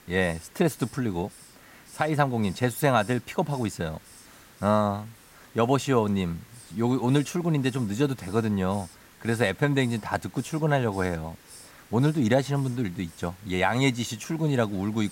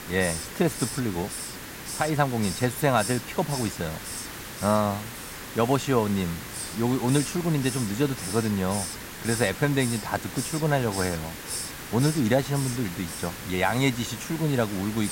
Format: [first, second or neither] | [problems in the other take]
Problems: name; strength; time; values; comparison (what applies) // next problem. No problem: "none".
first | hiss; loud; throughout; 7 dB below the speech; faint in the first